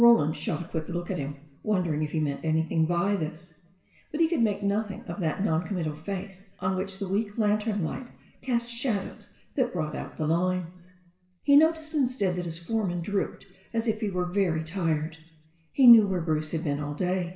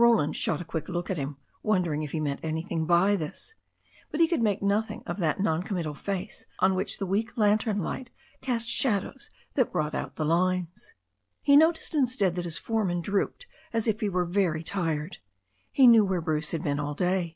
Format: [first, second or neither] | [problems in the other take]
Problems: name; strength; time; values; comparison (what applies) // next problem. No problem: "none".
second | room echo; dies away in 0.7 s